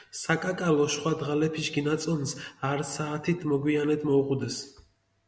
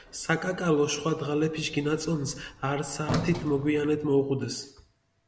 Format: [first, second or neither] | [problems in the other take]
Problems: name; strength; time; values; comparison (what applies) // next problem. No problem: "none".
first | background sound (Sliding door); 12 dB below the speech